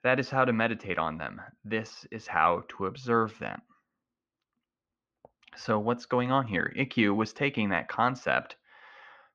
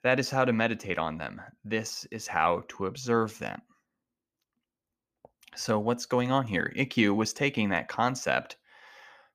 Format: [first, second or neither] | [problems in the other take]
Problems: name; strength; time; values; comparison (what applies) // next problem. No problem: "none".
second | muffled; slightly; fading above 4 kHz